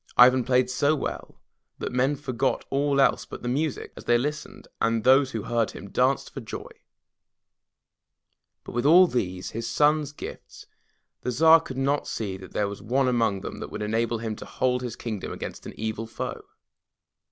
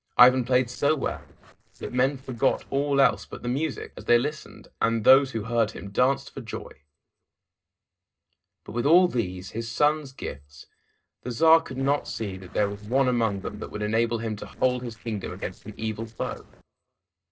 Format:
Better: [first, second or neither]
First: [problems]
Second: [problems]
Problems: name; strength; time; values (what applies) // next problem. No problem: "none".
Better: first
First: none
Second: noise reduction (neural separator model SepFormer DNS4)